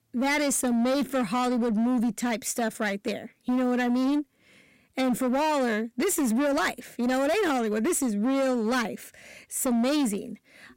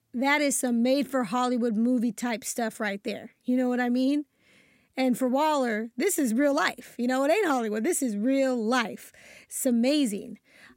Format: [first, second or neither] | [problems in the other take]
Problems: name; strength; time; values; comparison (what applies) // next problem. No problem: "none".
second | distortion; slight; 20% of the sound clipped